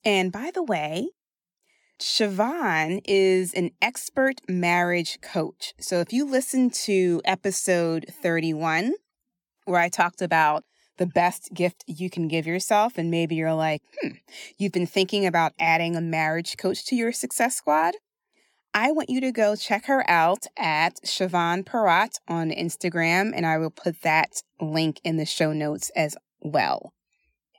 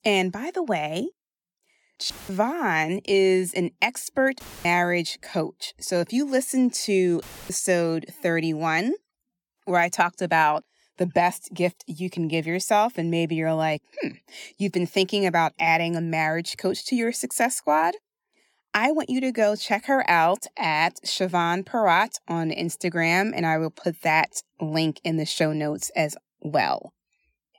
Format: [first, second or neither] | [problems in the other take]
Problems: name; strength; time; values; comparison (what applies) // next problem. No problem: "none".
first | audio cutting out; filled with static; at 2 s, at 4.5 s and at 7 s